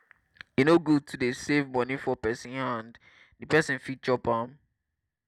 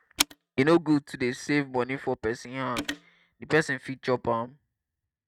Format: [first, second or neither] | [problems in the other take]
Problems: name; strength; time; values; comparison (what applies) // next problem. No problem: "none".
first | noise reduction (neural mask model RNNoise)